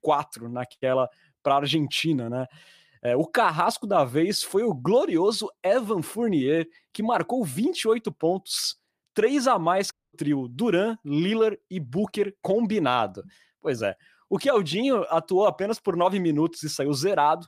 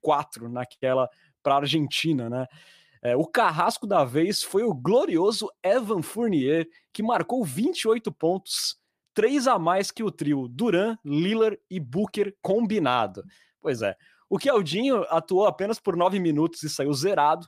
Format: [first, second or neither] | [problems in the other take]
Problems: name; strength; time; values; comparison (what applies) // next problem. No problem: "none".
second | audio cutting out; at 10 s